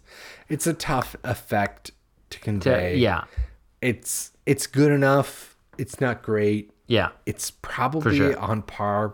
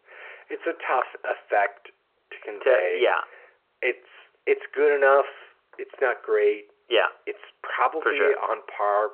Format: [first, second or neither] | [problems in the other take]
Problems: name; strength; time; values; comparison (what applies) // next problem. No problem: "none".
first | phone-call audio; nothing above 3 kHz